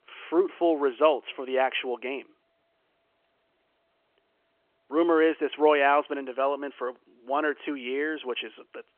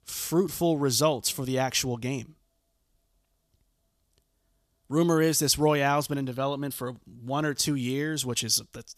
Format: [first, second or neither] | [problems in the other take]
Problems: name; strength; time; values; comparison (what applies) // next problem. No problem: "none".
second | phone-call audio; nothing above 3 kHz